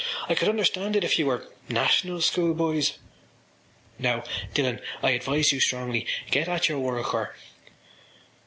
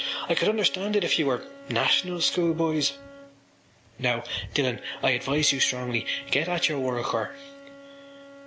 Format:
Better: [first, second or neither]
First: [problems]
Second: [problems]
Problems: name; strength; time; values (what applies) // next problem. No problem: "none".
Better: first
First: none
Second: background sound (Bowed string instrument); 19 dB below the speech